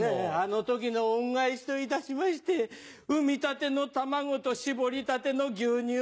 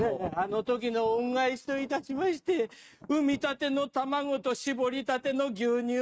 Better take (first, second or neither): first